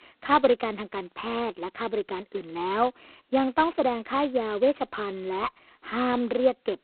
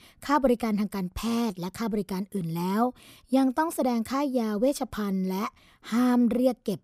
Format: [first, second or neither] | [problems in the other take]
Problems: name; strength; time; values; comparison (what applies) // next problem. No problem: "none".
second | phone-call audio; poor line; nothing above 4 kHz